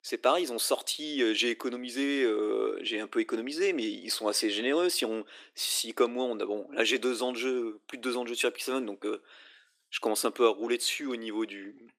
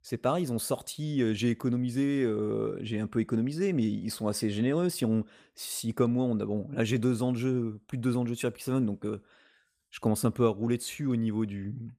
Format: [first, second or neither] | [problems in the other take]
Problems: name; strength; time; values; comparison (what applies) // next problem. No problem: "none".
second | thin; somewhat; fading below 300 Hz